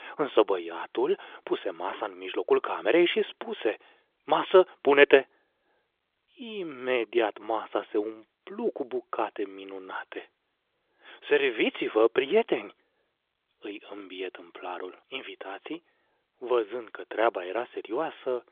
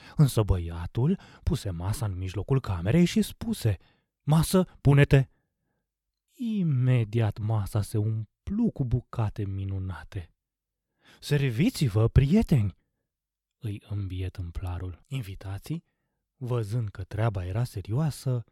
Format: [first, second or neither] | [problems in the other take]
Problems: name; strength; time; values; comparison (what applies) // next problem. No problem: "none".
second | phone-call audio; nothing above 3.5 kHz